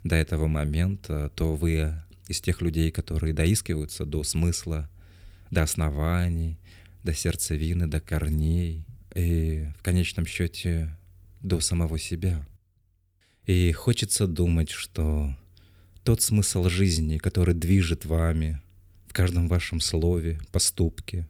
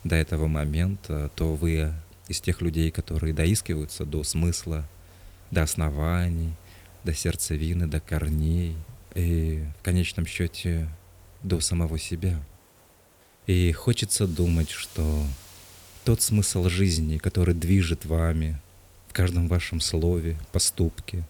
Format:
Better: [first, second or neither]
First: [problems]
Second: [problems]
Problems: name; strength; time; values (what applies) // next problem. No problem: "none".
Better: first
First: none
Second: hiss; faint; throughout; 25 dB below the speech